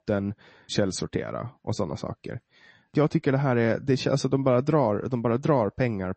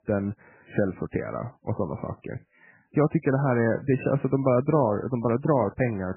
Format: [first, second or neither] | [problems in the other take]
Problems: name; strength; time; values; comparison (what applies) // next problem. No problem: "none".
first | garbled, watery; badly; nothing above 2.5 kHz; slightly in the first